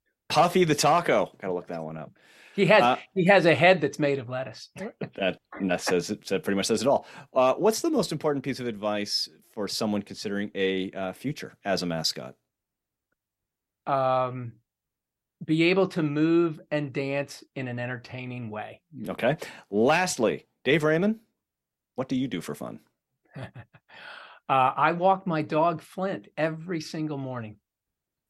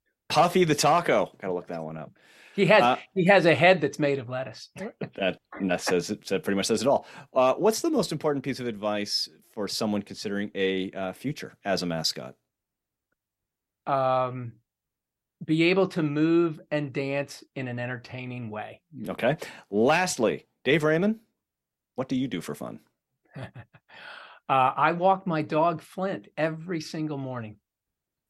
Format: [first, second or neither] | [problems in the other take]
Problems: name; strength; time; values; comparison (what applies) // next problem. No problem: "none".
neither | none